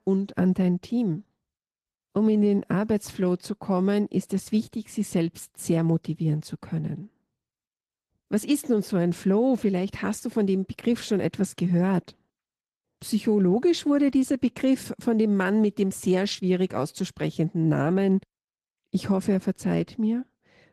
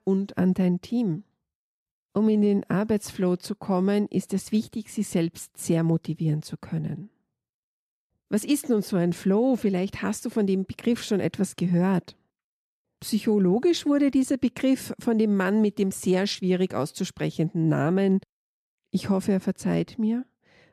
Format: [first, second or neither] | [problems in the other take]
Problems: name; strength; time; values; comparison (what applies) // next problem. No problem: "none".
second | garbled, watery; slightly; nothing above 13.5 kHz